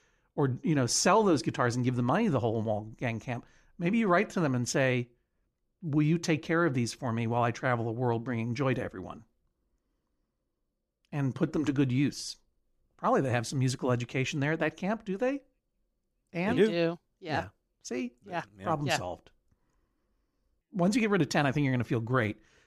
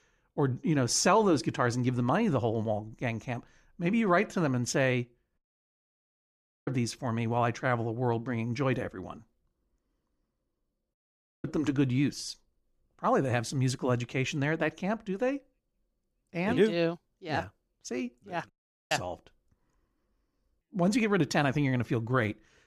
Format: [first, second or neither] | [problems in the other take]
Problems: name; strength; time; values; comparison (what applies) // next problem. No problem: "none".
first | audio cutting out; at 5.5 s for 1.5 s, at 11 s for 0.5 s and at 19 s